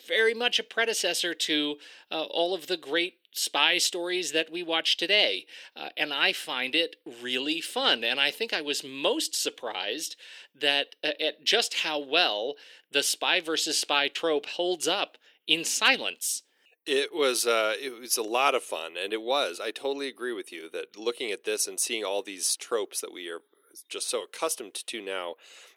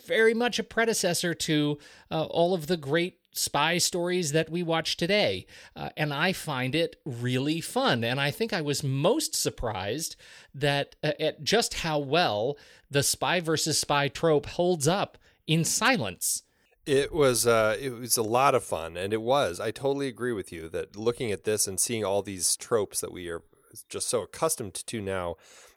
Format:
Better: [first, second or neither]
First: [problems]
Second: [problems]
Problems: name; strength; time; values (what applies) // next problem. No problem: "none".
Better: second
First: thin; somewhat; fading below 300 Hz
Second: none